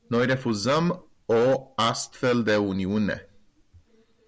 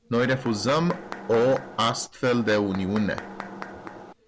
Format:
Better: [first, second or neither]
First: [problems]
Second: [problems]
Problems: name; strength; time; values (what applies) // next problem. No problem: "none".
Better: first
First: none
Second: background sound (Mechanisms); 13 dB below the speech